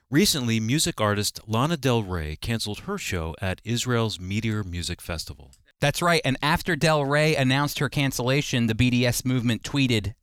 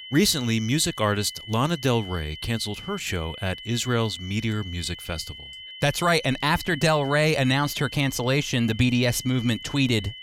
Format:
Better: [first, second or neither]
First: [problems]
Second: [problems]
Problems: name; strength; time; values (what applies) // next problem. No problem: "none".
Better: first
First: none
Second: high-pitched whine; noticeable; throughout; 3 kHz, 15 dB below the speech